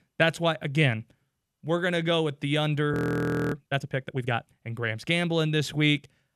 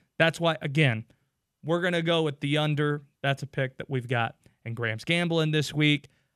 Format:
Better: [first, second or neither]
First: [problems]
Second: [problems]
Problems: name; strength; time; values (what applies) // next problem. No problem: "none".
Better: second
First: audio freezing; at 3 s for 0.5 s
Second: none